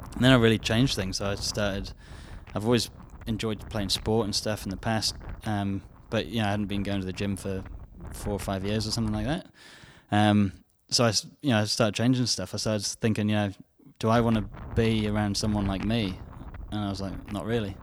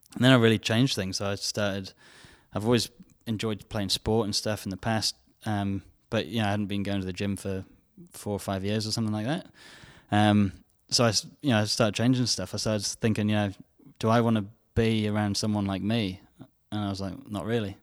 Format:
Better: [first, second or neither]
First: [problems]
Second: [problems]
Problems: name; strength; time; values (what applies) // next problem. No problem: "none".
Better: second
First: wind noise on the microphone; occasional gusts; until 9.5 s and from 14 s on; 20 dB below the speech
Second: none